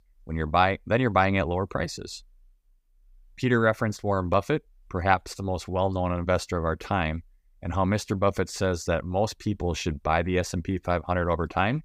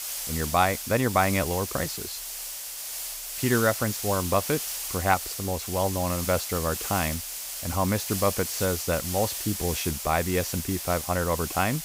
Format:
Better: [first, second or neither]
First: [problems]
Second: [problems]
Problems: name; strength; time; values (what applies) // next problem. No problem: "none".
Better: first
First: none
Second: hiss; loud; throughout; 4 dB below the speech